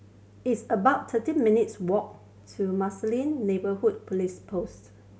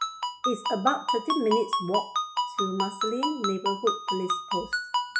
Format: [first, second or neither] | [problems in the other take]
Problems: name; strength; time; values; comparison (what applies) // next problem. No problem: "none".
first | noise reduction (classical method log-MMSE)